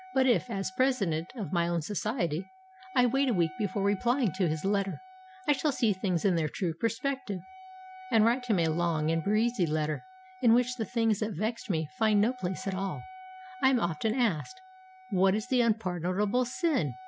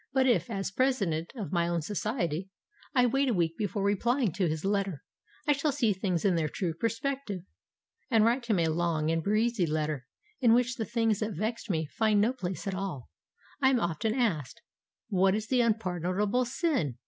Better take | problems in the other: second | background sound (Wind instrument, woodwind instrument); 20 dB below the speech

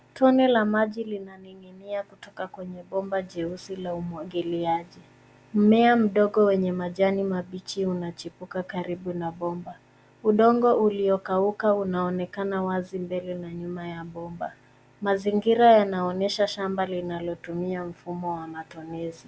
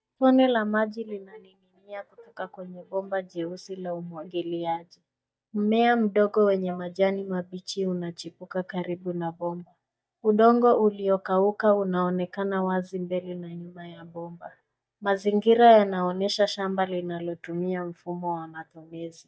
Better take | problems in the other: first | noise reduction (neural mask model DeepFilterNet 3)

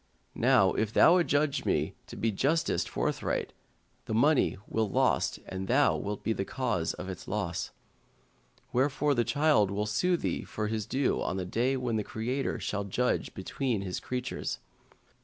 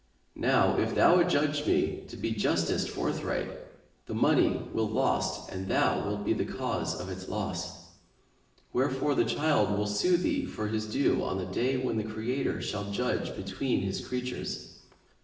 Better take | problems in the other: first | room echo; dies away in 0.9 s

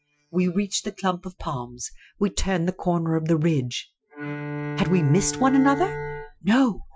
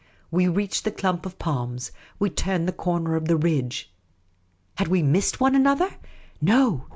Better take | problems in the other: second | noise reduction (classical method Wiener filter)

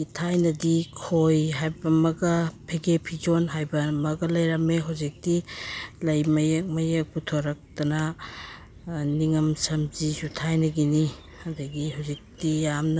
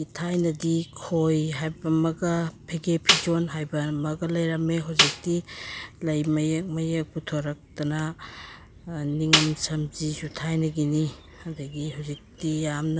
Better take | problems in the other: first | background sound (Snare drum); 1 dB below the speech

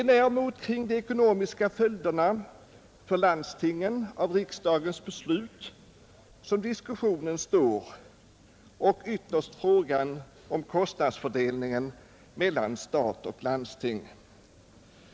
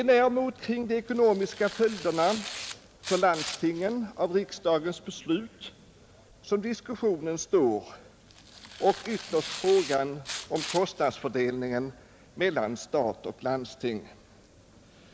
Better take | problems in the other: first | background sound (Tearing); 13 dB below the speech

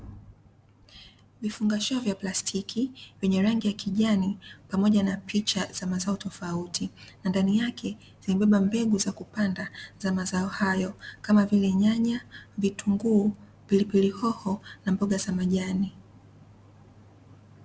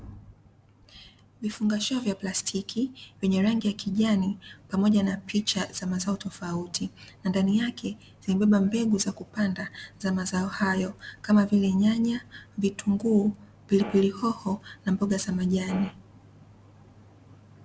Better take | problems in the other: first | background sound (Fart); 12 dB below the speech

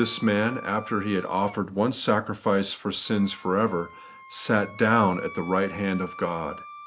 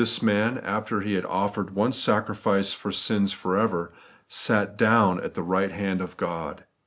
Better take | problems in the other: second | background sound (Wind instrument, woodwind instrument); 17 dB below the speech

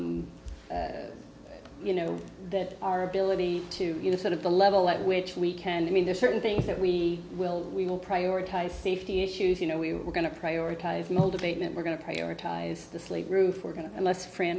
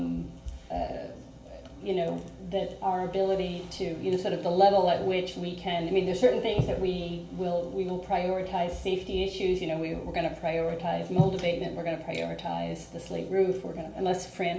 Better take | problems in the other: first | room echo; dies away in 0.3 s

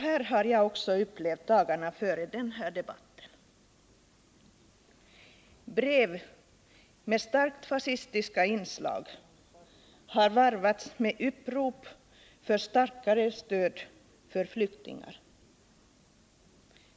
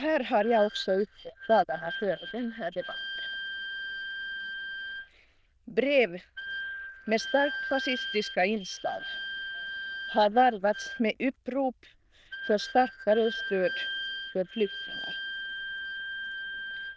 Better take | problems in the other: first | noise reduction (neural diffusion model UNIVERSE++)

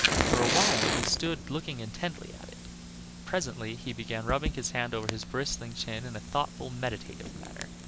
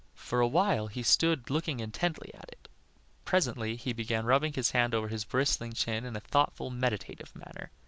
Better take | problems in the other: second | background sound (Fire); as loud as the speech

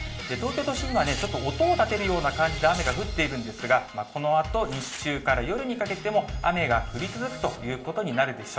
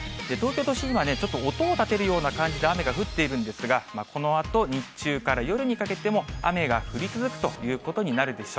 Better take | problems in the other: second | background sound (Tearing); 19 dB below the speech // room echo; dies away in 0.7 s

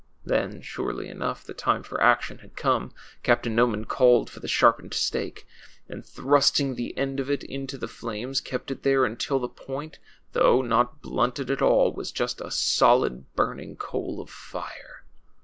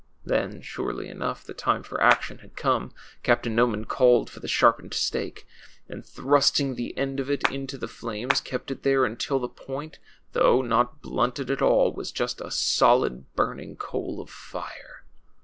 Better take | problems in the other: first | background sound (Clapping); 3 dB below the speech

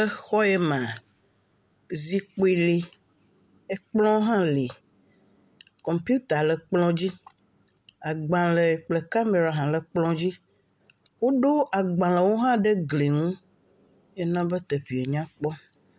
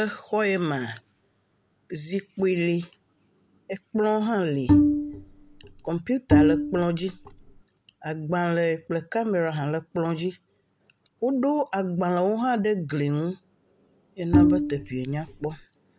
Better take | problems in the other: first | background sound (Bowed string instrument); 4 dB above the speech

